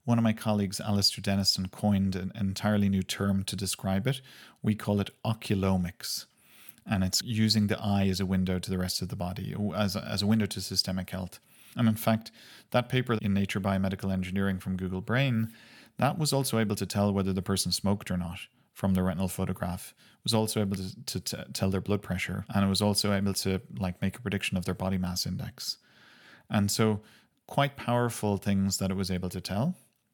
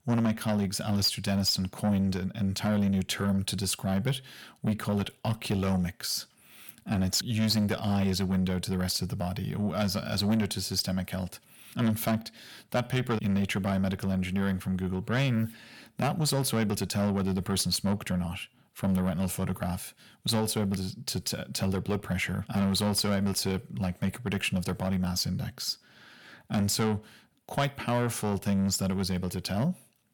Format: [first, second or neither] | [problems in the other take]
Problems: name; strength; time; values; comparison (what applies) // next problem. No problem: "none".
first | distortion; slight; 10 dB below the speech